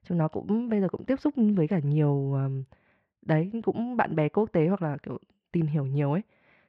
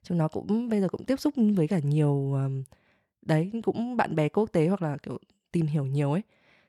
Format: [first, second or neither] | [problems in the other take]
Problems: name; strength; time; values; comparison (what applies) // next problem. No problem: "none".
second | muffled; slightly; fading above 2 kHz